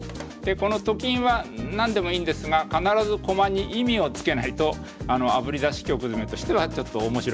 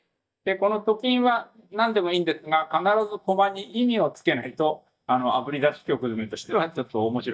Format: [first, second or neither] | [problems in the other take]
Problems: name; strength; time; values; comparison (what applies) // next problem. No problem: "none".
first | noise reduction (neural mask model DeepFilterNet 3)